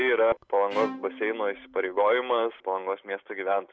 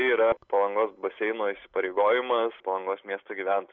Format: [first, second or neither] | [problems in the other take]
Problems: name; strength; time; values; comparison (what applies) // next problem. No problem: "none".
second | background sound (Bowed string instrument); 16 dB below the speech